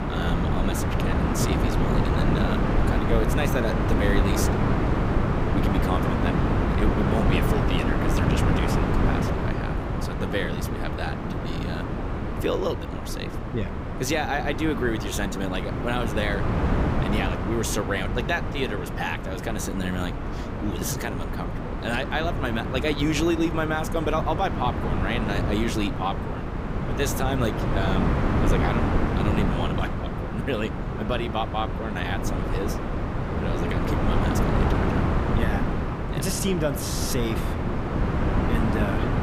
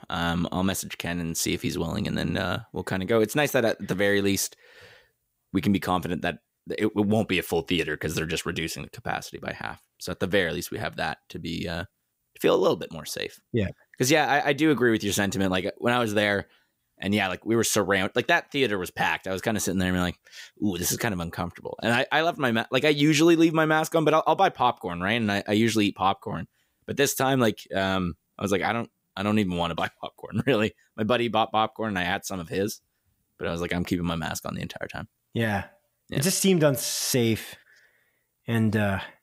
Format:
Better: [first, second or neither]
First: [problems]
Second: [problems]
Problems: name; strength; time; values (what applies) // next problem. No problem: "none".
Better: second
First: wind noise on the microphone; heavy; as loud as the speech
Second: none